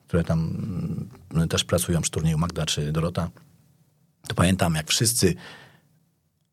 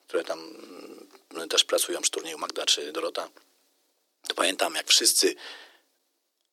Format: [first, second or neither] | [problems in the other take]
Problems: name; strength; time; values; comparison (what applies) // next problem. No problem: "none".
first | thin; very; fading below 300 Hz